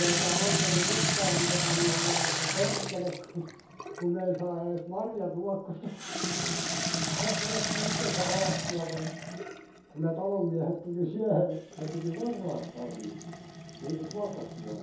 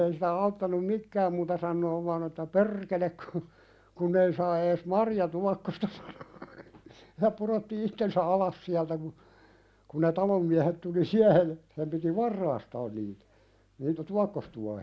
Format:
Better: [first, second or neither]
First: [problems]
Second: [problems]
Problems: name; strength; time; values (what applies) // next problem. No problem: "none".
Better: second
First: background sound (Sink (filling or washing) / Water tap, faucet); 1 dB above the speech // room echo; dies away in 0.6 s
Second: none